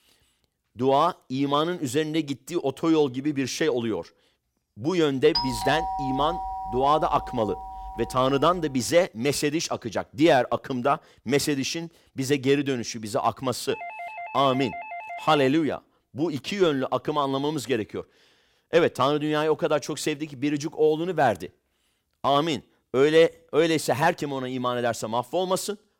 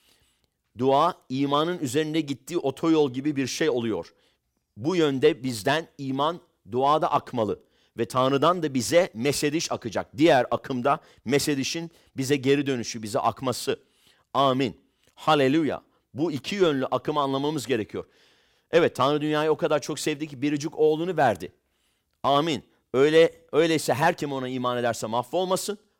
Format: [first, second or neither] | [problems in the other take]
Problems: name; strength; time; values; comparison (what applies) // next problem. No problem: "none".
second | doorbell; noticeable; from 5.5 to 8.5 s; peak 2 dB below the speech // doorbell; faint; from 14 to 15 s; peak 10 dB below the speech